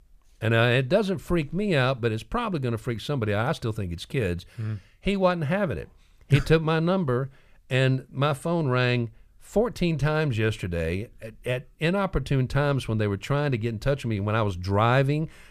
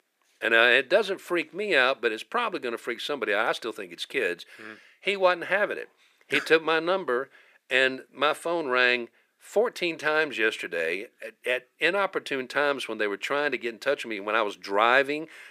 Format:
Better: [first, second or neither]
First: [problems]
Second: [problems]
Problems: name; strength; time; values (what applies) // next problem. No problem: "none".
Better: first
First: none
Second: thin; very; fading below 300 Hz